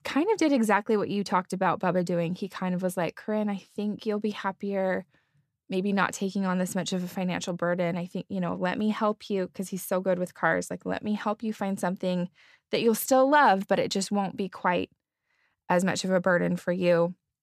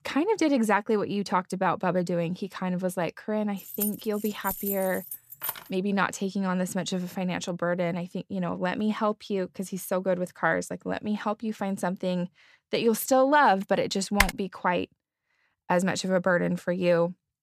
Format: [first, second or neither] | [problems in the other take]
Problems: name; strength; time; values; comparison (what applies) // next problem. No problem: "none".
first | jangling keys; noticeable; from 3.5 to 5.5 s; peak 4 dB below the speech // keyboard typing; loud; at 14 s; peak 2 dB above the speech